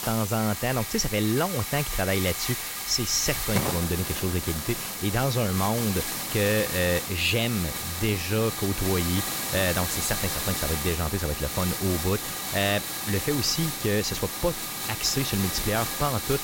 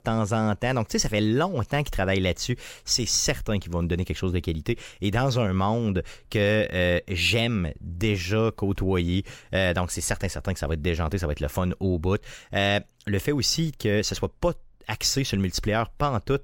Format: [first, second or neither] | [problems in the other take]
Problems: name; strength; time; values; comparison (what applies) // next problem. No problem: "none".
second | hiss; loud; throughout; 2 dB below the speech